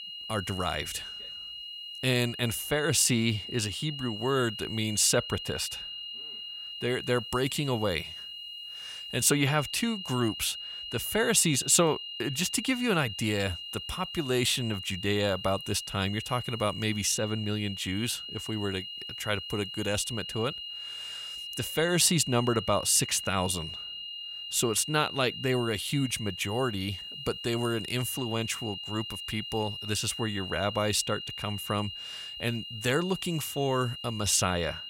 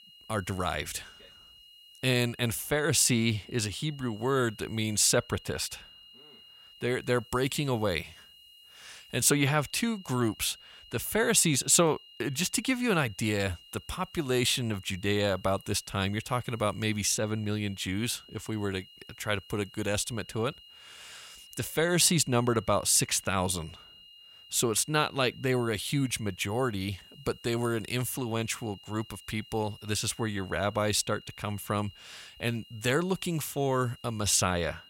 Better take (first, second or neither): second